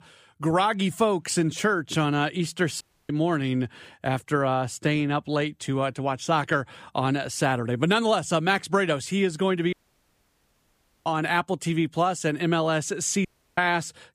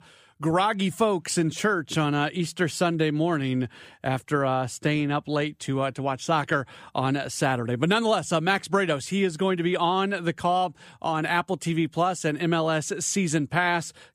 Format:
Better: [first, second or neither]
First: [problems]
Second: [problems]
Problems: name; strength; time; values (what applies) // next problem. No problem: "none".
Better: second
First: audio cutting out; at 3 s, at 9.5 s for 1.5 s and at 13 s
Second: none